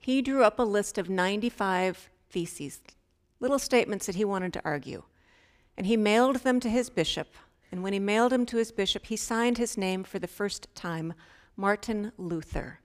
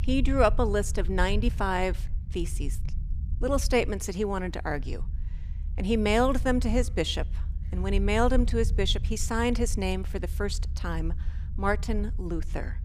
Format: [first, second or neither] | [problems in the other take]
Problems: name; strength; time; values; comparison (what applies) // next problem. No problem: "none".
first | low rumble; faint; throughout; 20 dB below the speech